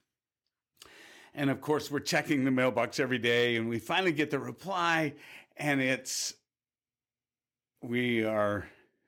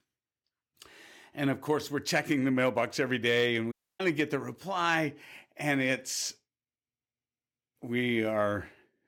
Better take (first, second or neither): first